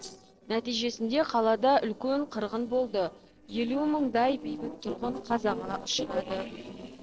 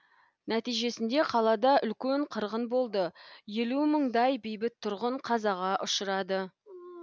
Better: second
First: noise reduction (neural separator model SepFormer DNS4)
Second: none

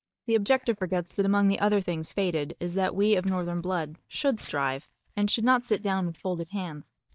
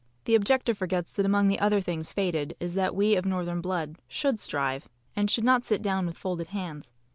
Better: second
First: noise reduction (neural mask model DeepFilterNet 3)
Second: none

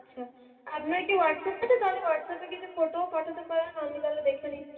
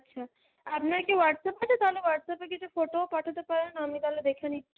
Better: second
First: room echo; dies away in 2.3 s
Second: none

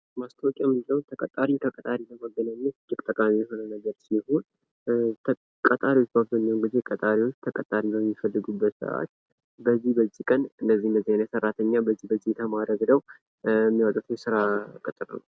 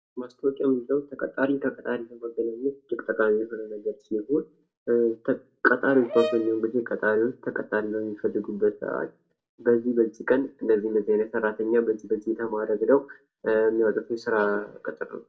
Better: first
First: none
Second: background sound (Brass instrument); 10 dB below the speech // room echo; dies away in 0.2 s

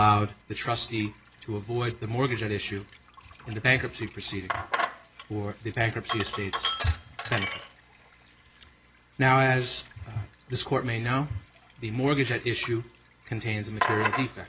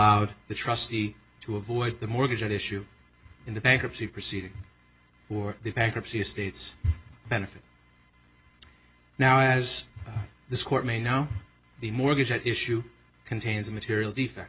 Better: second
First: background sound (Sink (filling or washing)); 8 dB below the speech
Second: none

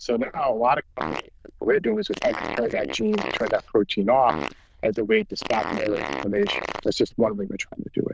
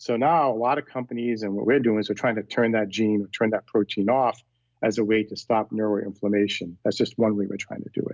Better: second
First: noise reduction (neural diffusion model UNIVERSE++)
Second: none

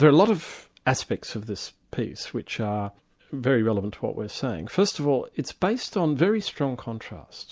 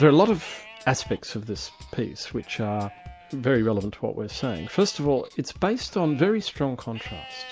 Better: first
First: none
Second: background sound (Livestock, farm animals, working animals + Bass drum / Drum kit); 19 dB below the speech

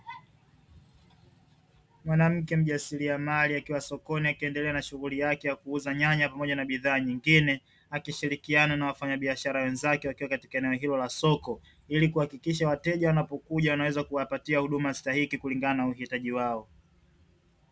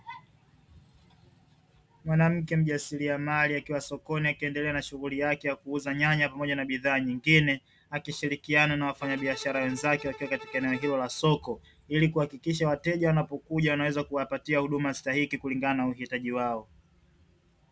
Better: first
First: none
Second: background sound (Bowed string instrument); 17 dB below the speech

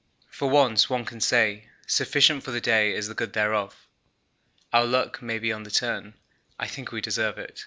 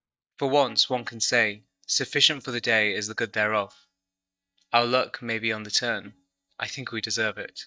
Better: first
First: none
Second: noise reduction (neural mask model DeepFilterNet 3)

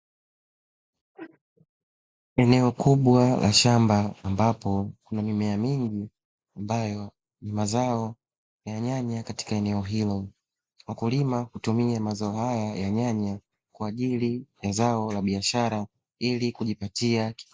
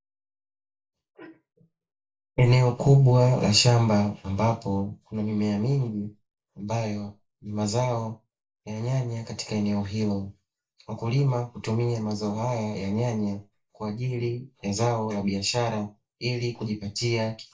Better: first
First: none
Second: room echo; dies away in 0.3 s

